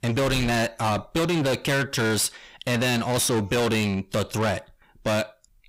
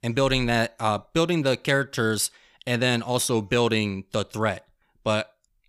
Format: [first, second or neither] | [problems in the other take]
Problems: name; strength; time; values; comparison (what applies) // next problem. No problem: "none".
second | distortion; heavy; 6 dB below the speech